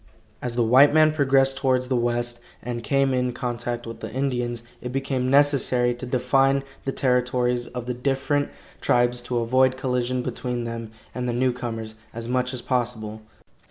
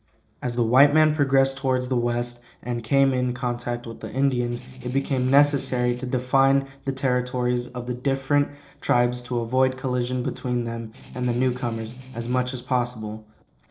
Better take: first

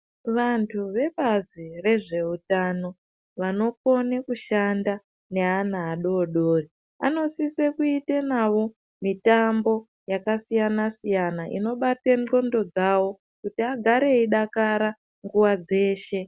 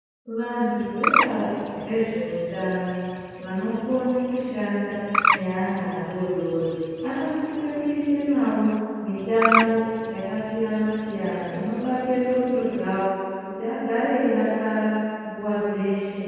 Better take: first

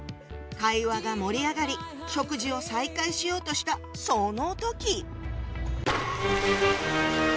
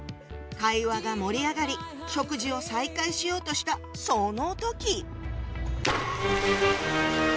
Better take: first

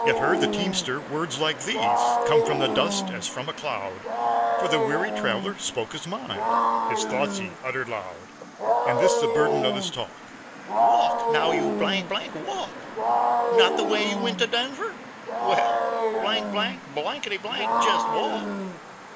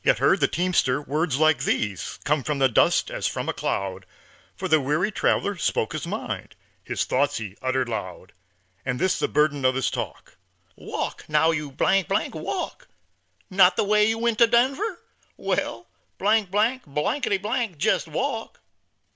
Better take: second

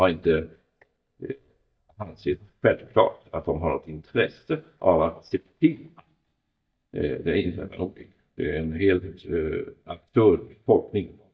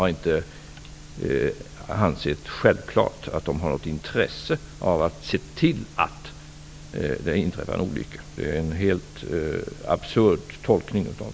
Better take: second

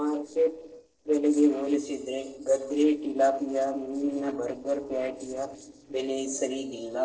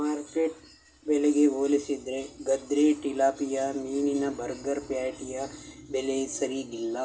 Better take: second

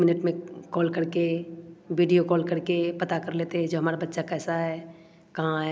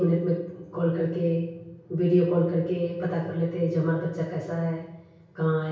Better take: first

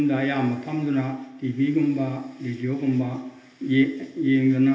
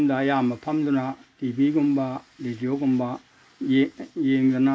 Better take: second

